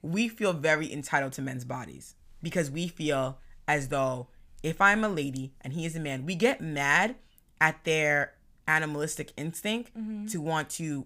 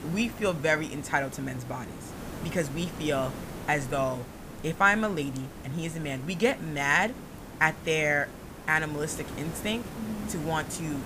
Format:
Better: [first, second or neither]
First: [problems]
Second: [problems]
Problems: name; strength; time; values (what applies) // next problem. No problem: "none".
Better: first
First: none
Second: hiss; noticeable; throughout; 10 dB below the speech